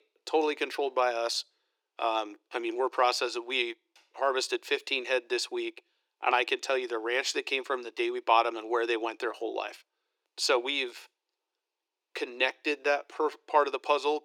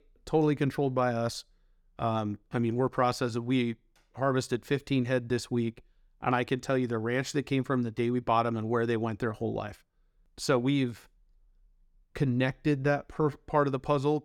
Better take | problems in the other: second | thin; very; fading below 350 Hz

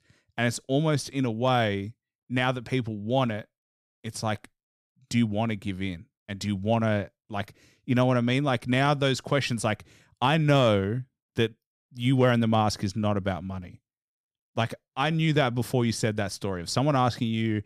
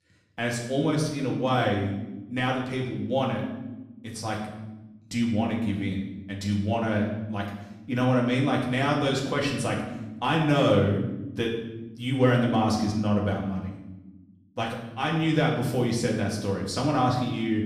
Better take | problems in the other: first | room echo; noticeable; dies away in 0.9 s // off-mic speech; far

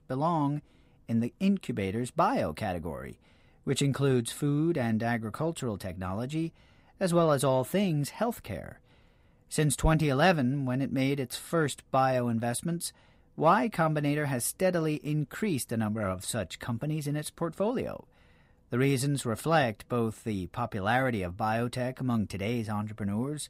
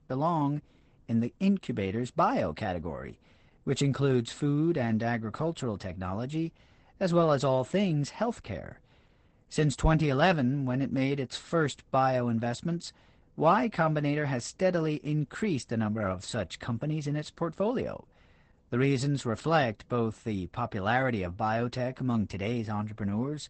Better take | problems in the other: first | garbled, watery; badly; nothing above 8 kHz

